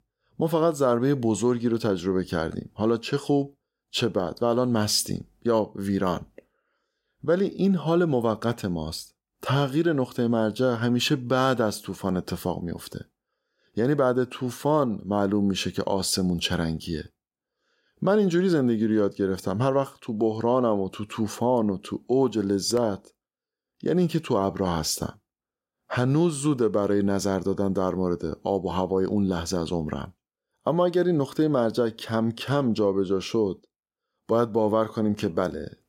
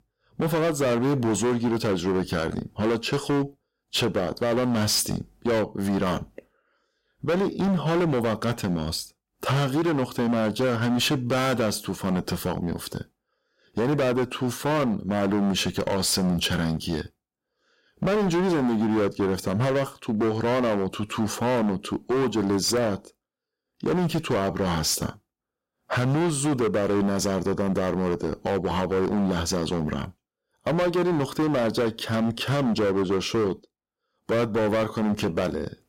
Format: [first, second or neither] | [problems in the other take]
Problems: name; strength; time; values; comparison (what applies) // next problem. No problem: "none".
first | distortion; heavy; 20% of the sound clipped